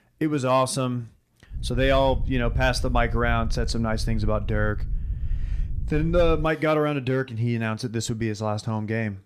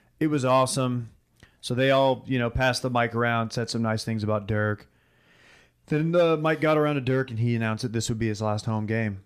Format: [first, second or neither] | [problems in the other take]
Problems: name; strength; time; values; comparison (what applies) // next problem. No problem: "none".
second | wind noise on the microphone; occasional gusts; from 1.5 to 6.5 s; 25 dB below the speech